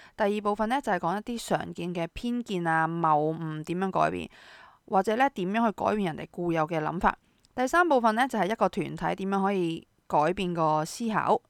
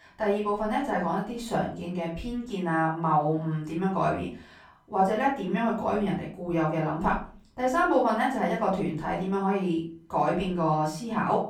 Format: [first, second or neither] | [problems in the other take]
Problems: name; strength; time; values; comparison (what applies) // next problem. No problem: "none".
first | off-mic speech; far // room echo; noticeable; dies away in 0.4 s